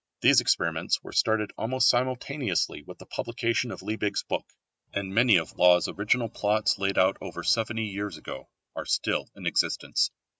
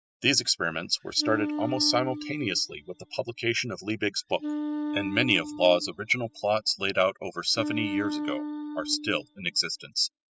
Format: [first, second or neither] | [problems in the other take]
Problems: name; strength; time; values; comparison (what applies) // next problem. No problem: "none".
first | noise reduction (classical method spectral subtraction)